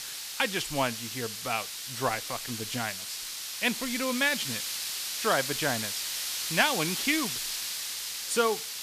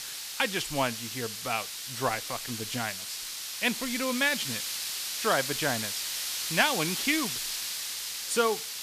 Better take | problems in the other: neither | hiss; loud; throughout; 2 dB below the speech; the same in both

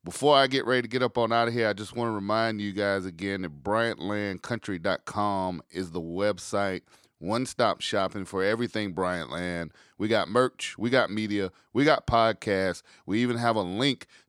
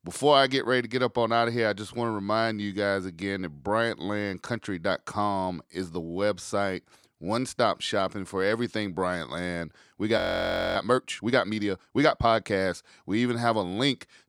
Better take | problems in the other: first | audio freezing; at 10 s for 0.5 s

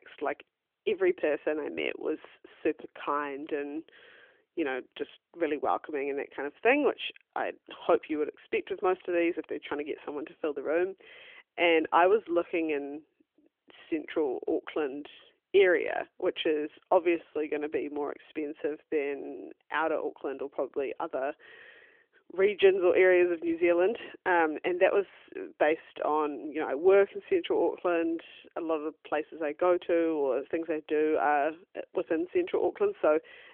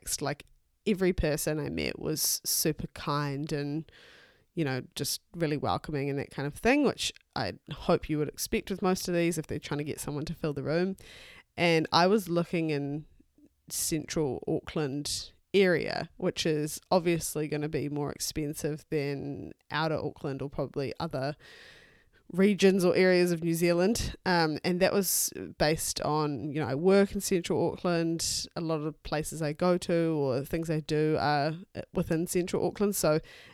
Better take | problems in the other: second | phone-call audio; nothing above 3.5 kHz

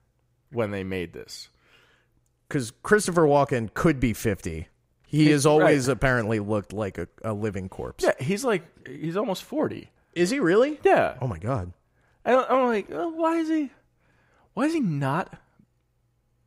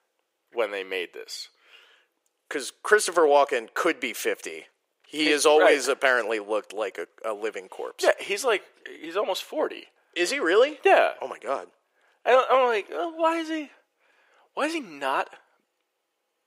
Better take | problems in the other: first | thin; very; fading below 400 Hz

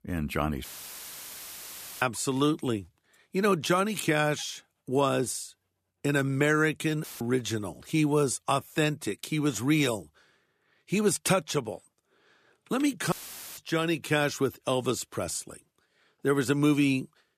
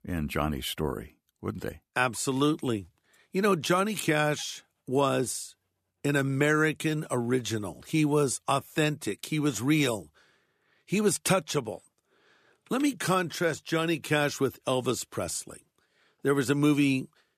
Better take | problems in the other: second | audio cutting out; filled with static; at 0.5 s for 1.5 s, at 7 s and at 13 s

